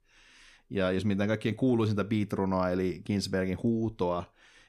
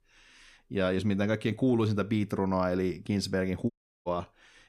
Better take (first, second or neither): first